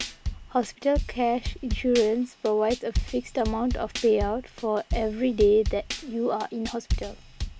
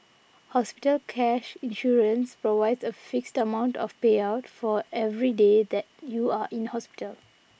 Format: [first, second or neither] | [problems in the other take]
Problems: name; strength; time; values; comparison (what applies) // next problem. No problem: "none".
second | background sound (Drum / Drum kit); 7 dB below the speech